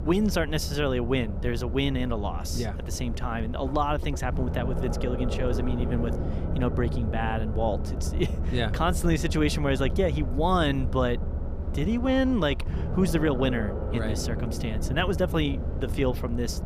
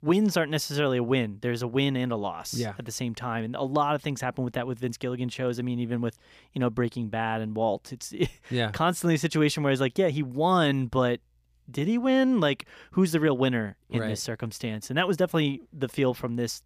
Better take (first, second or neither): second